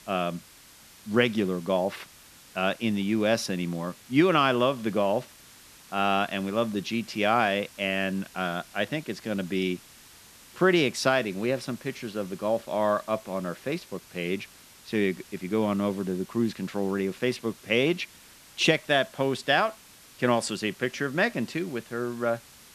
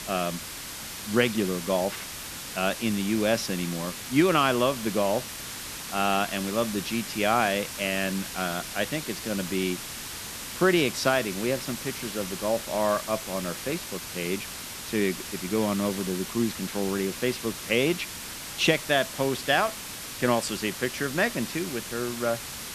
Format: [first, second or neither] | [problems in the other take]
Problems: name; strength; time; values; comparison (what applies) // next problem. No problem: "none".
first | hiss; loud; throughout; 8 dB below the speech; faint in the first